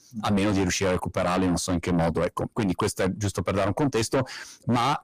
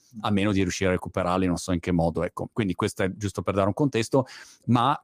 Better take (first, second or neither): second